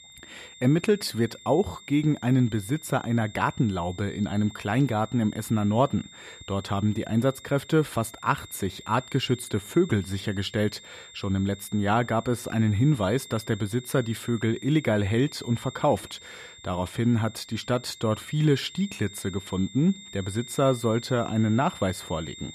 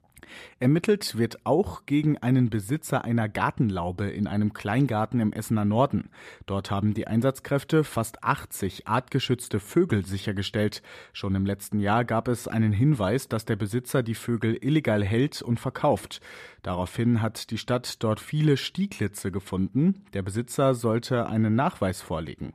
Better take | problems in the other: second | high-pitched whine; noticeable; throughout; 3.5 kHz, 20 dB below the speech

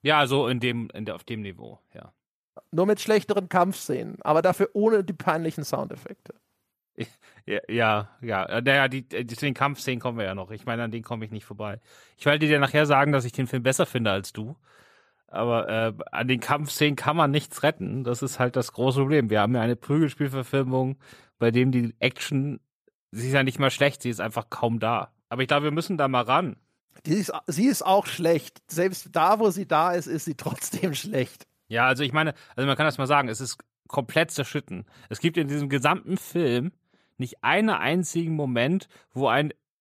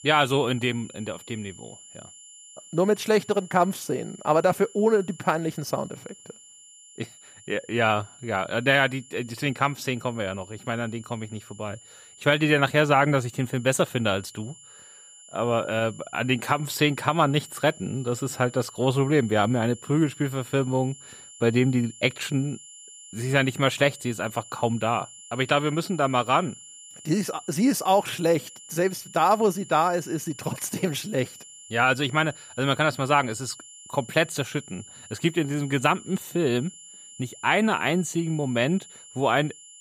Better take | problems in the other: first | high-pitched whine; noticeable; throughout; 7 kHz, 20 dB below the speech

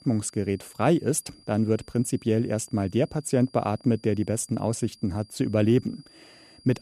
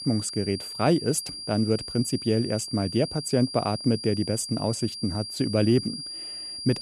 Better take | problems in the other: first | high-pitched whine; loud; throughout; 5 kHz, 8 dB below the speech; faint in the first

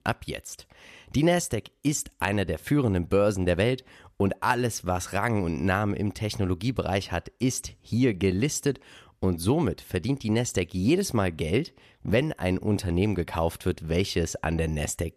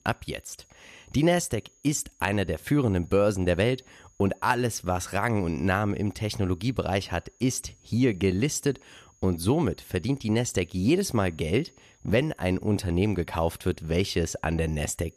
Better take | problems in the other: first | high-pitched whine; faint; throughout; 6.5 kHz, 35 dB below the speech

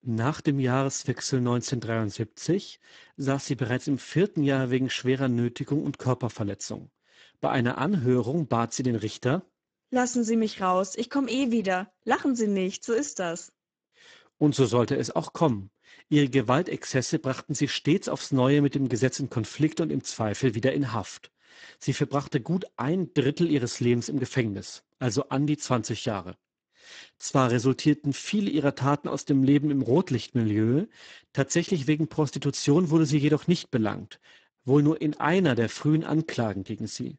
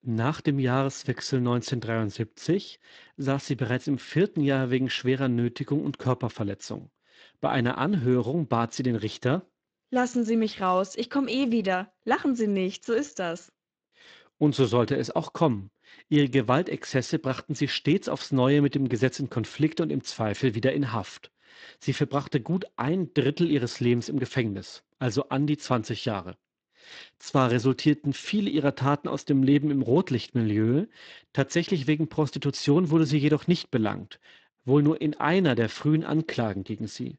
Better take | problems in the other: second | garbled, watery; badly; nothing above 7.5 kHz; slightly in the second

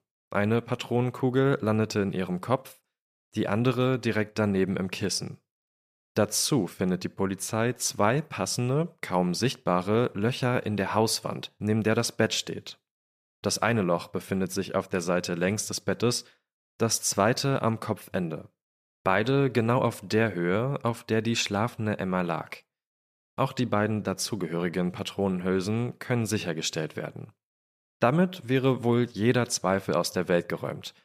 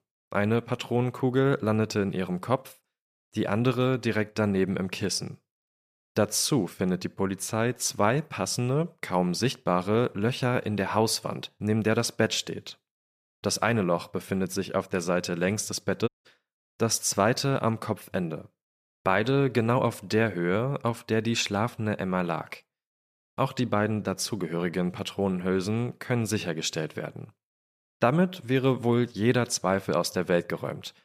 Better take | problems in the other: first | audio cutting out; at 16 s

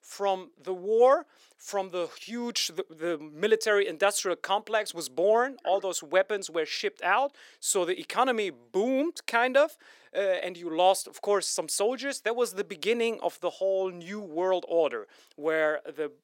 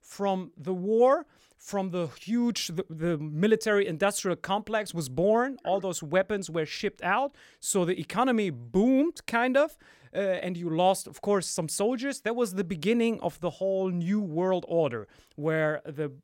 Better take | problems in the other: second | thin; somewhat; fading below 350 Hz

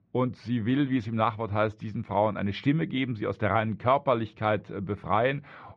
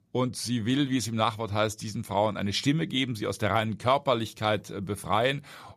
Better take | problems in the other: second | muffled; very; fading above 2.5 kHz

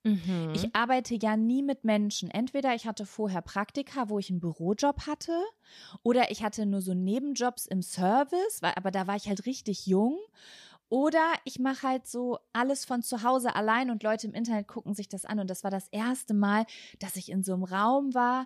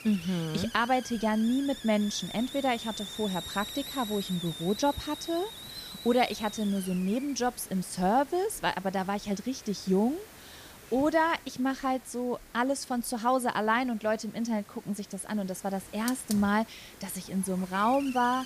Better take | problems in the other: first | hiss; noticeable; throughout; 15 dB below the speech

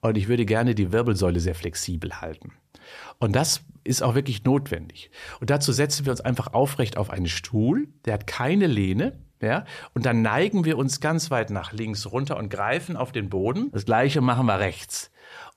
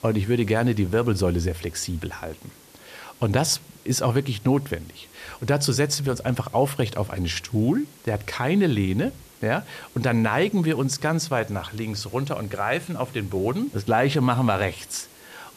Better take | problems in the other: first | hiss; faint; throughout; 25 dB below the speech

